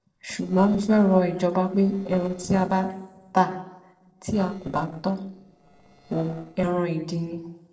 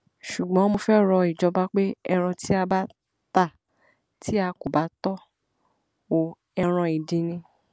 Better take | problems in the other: second | noise reduction (neural separator model SepFormer DNS4)

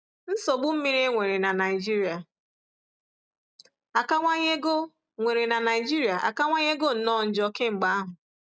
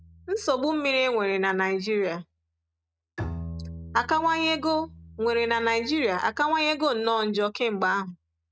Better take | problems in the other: first | background sound (Bowed string instrument); 17 dB below the speech

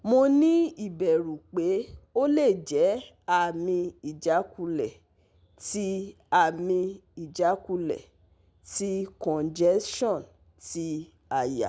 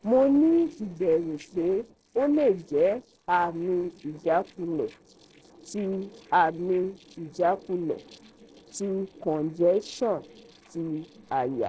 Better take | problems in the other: first | noise reduction (neural separator model SepFormer DNS4)

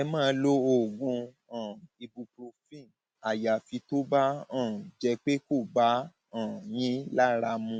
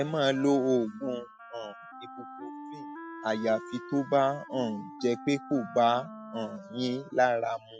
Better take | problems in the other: first | noise reduction (classical method spectral subtraction)

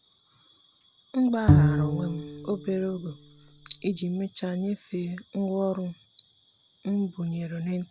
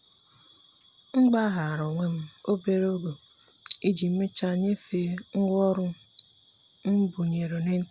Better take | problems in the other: second | background sound (Bowed string instrument); 5 dB above the speech

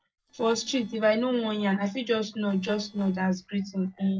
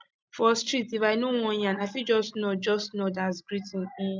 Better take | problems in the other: second | noise reduction (neural separator model SepFormer DNS4)

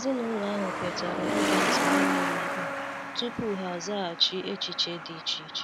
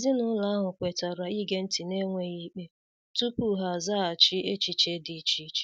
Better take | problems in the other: second | background sound (Truck); 2 dB above the speech

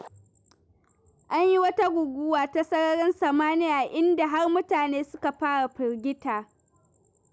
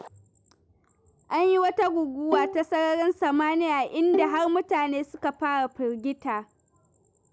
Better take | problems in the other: first | background sound (Bowed string instrument); 6 dB below the speech

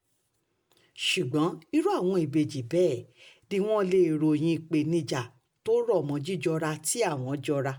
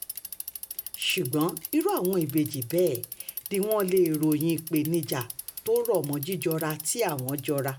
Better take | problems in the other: first | background sound (Bicycle); 11 dB below the speech

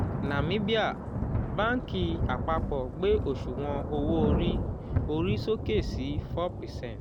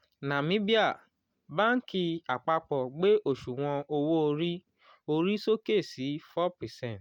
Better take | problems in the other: second | background sound (Thunder / Rain); as loud as the speech

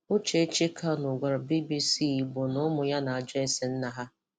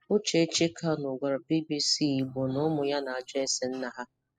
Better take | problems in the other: first | noise reduction (classical method spectral subtraction)

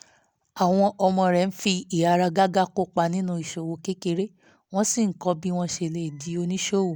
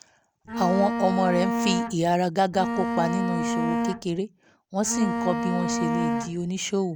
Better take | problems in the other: first | background sound (Bowed string instrument); 1 dB below the speech

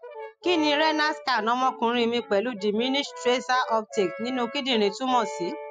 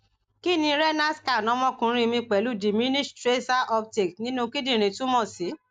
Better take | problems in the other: second | noise reduction (classical method spectral subtraction)

